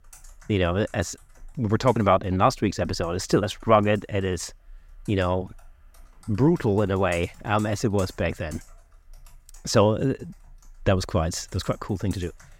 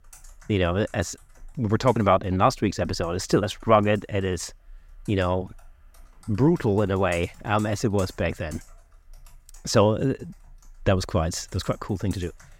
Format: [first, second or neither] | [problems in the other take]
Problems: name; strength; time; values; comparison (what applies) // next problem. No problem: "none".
neither | household noises; faint; throughout; 25 dB below the speech; the same in both